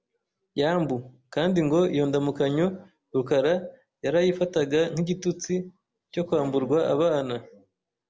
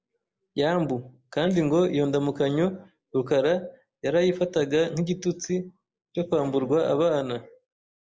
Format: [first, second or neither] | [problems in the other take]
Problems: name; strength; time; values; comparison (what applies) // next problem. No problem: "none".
first | noise reduction (neural mask model Resemble Enhance denoiser)